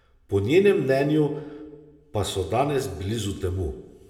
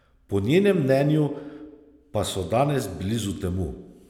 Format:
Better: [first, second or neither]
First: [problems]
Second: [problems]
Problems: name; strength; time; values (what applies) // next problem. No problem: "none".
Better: second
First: room echo; dies away in 0.6 s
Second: none